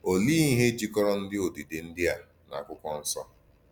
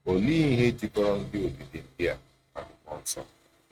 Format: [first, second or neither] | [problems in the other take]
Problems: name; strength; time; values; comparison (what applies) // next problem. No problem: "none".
first | noise reduction (neural mask model RNNoise)